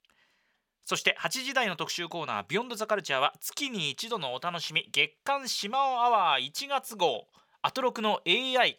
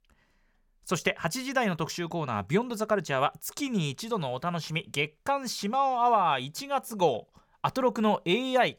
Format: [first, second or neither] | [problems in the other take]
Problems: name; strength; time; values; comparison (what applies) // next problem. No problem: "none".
second | thin; very slightly; fading below 1 kHz